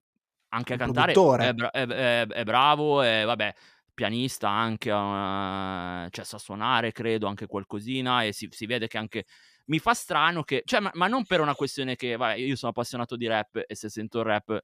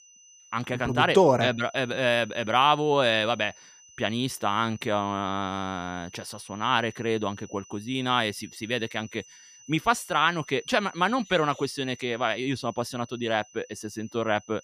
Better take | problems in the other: first | high-pitched whine; faint; throughout; 6 kHz, 25 dB below the speech

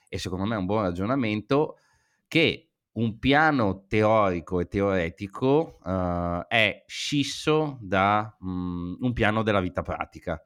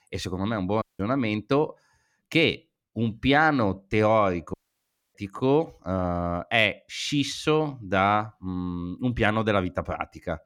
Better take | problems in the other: first | audio cutting out; at 1 s and at 4.5 s for 0.5 s

